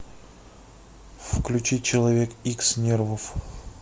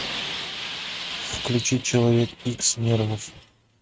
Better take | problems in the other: first | noise reduction (neural mask model RNNoise)

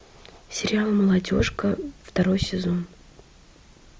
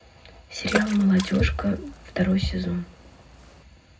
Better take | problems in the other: first | background sound (Water / Splash, splatter); 10 dB below the speech // room echo; dies away in 0.3 s

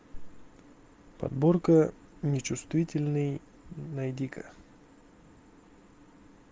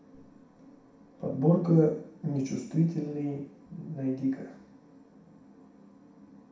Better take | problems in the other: first | room echo; dies away in 0.6 s

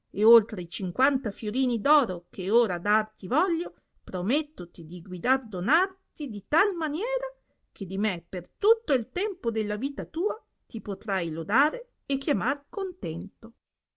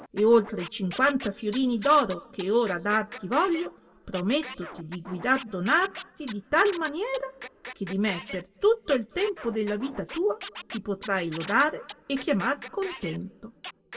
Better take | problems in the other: first | background sound (Scratching (performance technique)); 16 dB below the speech // room echo; dies away in 1.9 s

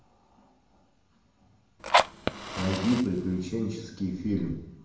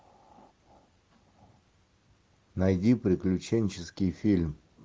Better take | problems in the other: second | background sound (Fire); 3 dB above the speech // room echo; dies away in 0.8 s

